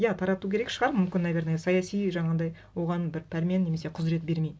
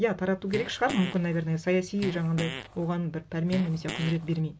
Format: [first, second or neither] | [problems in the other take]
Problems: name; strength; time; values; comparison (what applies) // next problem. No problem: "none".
first | background sound (Fart); 11 dB below the speech